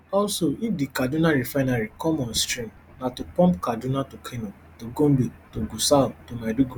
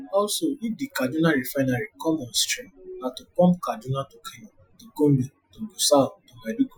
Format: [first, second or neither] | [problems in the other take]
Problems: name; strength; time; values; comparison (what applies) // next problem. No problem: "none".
first | noise reduction (classical method Wiener filter)